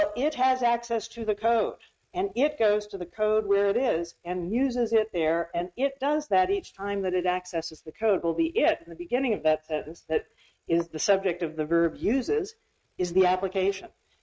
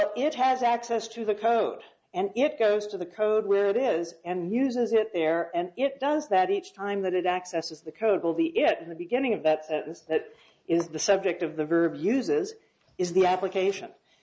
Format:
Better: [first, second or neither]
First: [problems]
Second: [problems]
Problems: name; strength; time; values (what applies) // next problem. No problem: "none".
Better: second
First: noise reduction (neural mask model RNNoise)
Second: none